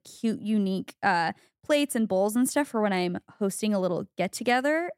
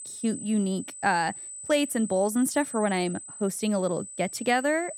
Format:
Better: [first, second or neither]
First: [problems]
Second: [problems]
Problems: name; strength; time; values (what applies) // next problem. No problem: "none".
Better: first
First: none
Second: high-pitched whine; noticeable; throughout; 8 kHz, 10 dB below the speech